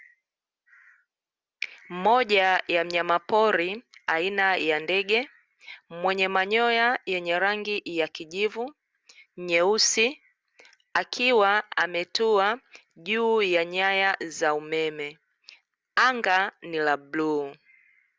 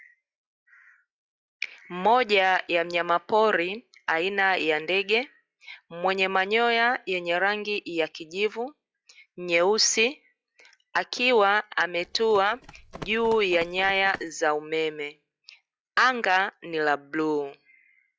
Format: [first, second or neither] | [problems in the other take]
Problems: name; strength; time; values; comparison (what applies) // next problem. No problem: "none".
first | noise reduction (classical method log-MMSE)